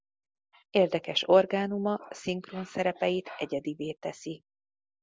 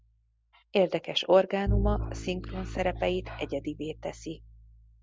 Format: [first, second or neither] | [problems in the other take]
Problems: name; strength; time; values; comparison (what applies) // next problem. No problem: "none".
first | background sound (Bowed string instrument); 6 dB below the speech